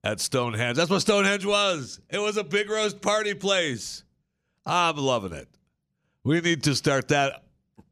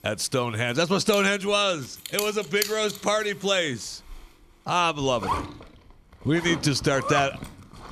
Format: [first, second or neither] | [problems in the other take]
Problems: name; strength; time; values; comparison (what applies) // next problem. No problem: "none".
first | household noises; loud; throughout; 9 dB below the speech